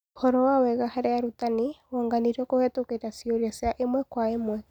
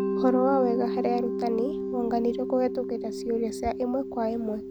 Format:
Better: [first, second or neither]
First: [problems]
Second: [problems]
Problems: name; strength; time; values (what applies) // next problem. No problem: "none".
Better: first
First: none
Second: background sound (Mallet percussion); 3 dB below the speech